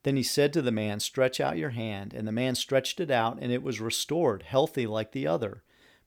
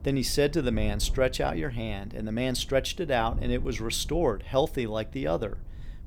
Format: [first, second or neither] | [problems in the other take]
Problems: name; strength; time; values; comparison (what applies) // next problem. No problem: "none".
first | low rumble; faint; throughout; 25 dB below the speech